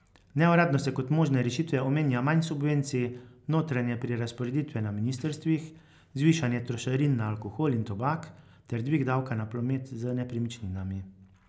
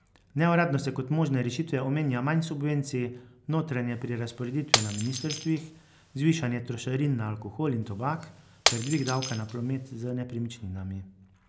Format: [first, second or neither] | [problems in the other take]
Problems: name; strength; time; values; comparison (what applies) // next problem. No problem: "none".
first | background sound (Shatter); 5 dB below the speech